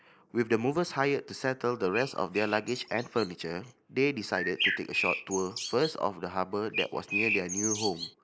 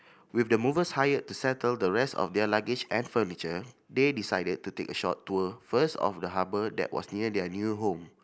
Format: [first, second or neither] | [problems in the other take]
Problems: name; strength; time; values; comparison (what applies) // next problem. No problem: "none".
second | noise reduction (neural mask model Resemble Enhance denoiser)